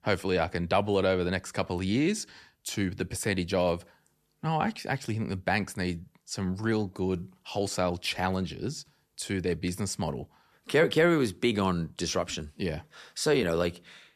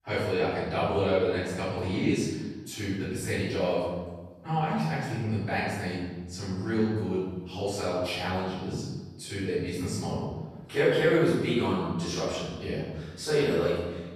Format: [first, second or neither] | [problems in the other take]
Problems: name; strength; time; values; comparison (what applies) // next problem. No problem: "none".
first | off-mic speech; far // room echo; strong; dies away in 1.2 s